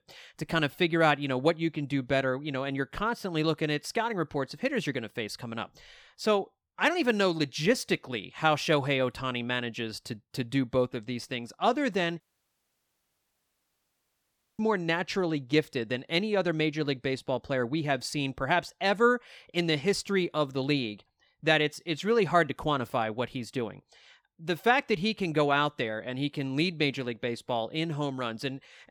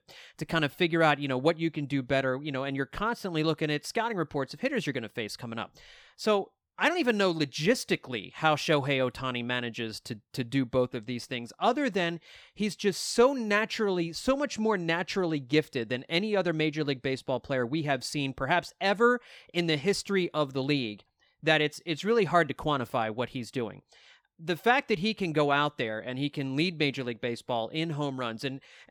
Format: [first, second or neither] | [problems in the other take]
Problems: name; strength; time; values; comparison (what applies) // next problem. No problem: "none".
second | audio cutting out; at 12 s for 2.5 s